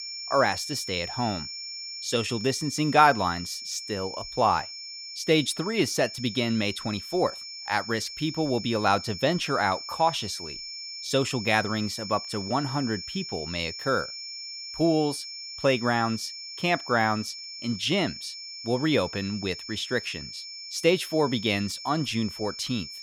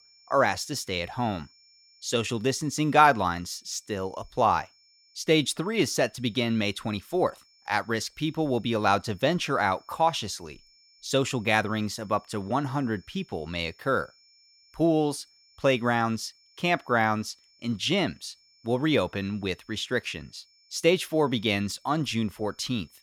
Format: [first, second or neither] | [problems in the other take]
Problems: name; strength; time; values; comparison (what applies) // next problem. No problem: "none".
second | high-pitched whine; loud; throughout; 5.5 kHz, 9 dB below the speech; faint in the second